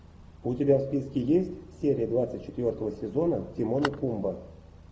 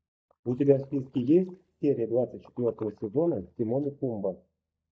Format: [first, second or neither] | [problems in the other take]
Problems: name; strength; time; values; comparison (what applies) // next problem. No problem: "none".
first | noise reduction (neural mask model DeepFilterNet 3)